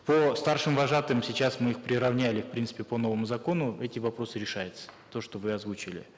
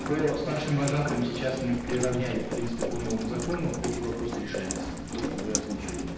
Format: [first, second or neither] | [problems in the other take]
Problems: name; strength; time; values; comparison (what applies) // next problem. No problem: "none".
first | background sound (Rain); 3 dB below the speech // room echo; dies away in 0.9 s